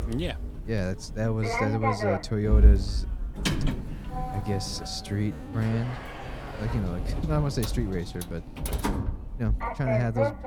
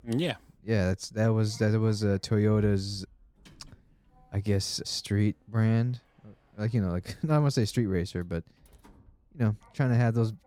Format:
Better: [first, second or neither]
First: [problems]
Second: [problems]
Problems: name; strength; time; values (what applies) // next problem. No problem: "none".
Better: second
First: household noises; loud; throughout; as loud as the speech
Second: household noises; faint; throughout; 30 dB below the speech